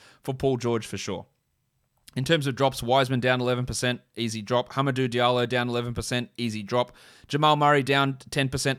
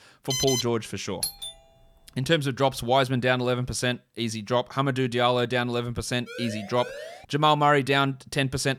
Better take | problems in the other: first | alarm; noticeable; at 0.5 s; peak level with the speech // doorbell; noticeable; at 1 s; peak 5 dB below the speech // siren; faint; at 6.5 s; peak 15 dB below the speech

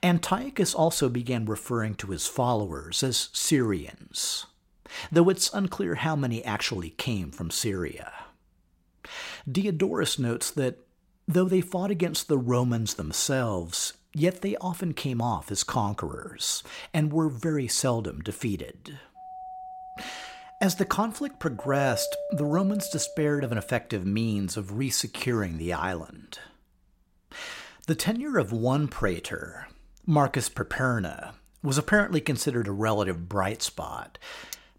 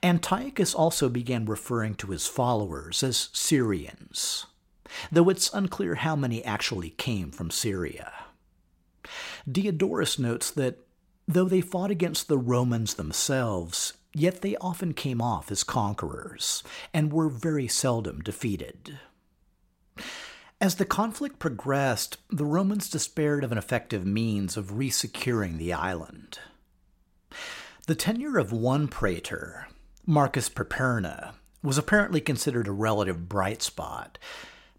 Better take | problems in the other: second | doorbell; noticeable; from 19 to 24 s; peak 5 dB below the speech // clattering dishes; very faint; at 34 s; peak 15 dB below the speech

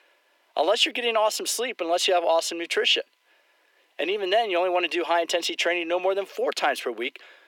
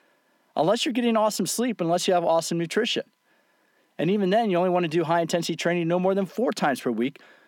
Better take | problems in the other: second | thin; very; fading below 350 Hz

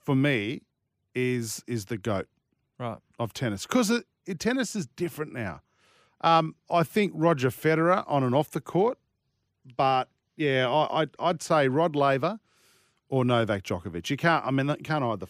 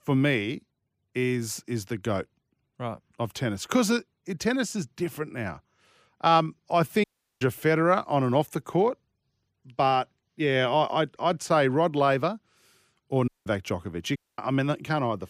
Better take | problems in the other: first | audio cutting out; at 7 s, at 13 s and at 14 s

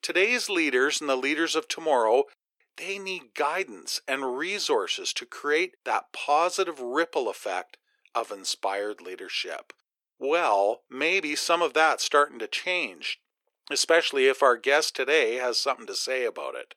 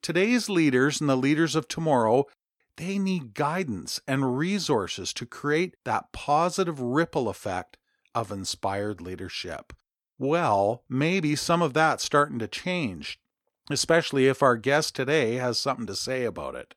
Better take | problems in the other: second | thin; somewhat; fading below 400 Hz

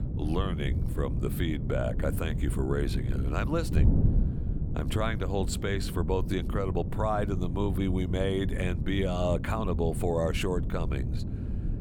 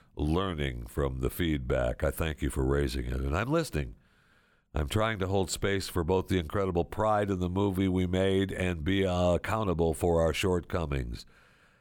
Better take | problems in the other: second | wind noise on the microphone; heavy; 10 dB below the speech

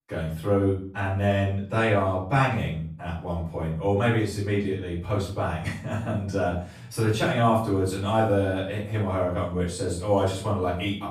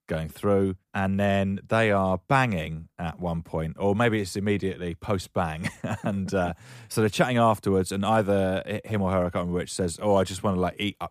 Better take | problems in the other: second | off-mic speech; far // room echo; noticeable; dies away in 0.5 s

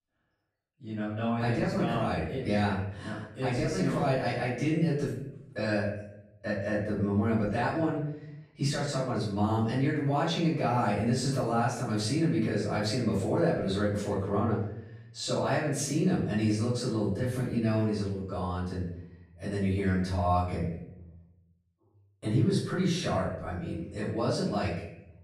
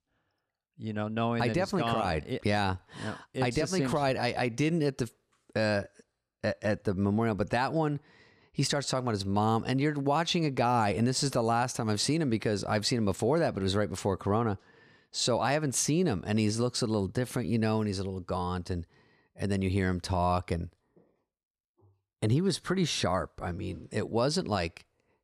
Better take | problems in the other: second | off-mic speech; far // room echo; noticeable; dies away in 0.8 s

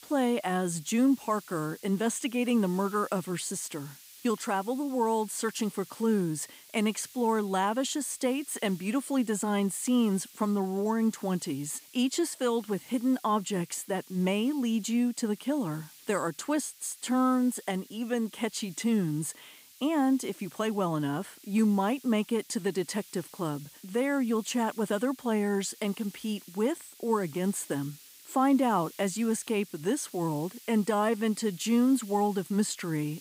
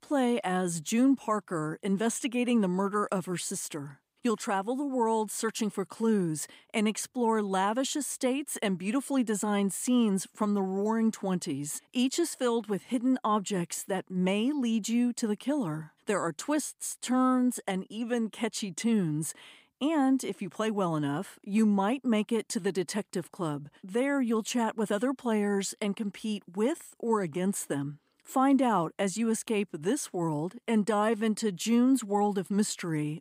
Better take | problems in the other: second | hiss; faint; throughout; 20 dB below the speech

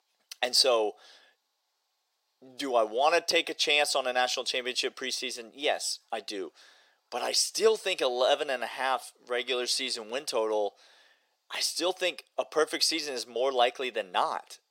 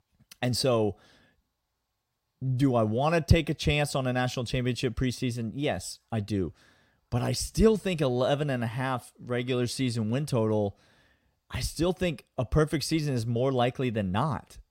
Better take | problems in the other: second | thin; very; fading below 400 Hz

